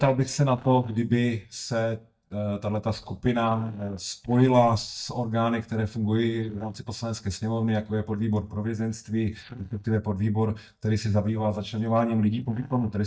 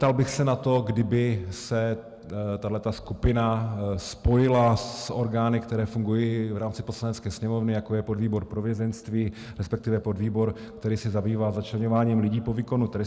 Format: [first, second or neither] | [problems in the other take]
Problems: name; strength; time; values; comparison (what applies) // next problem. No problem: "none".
second | noise reduction (neural mask model DeepFilterNet 3)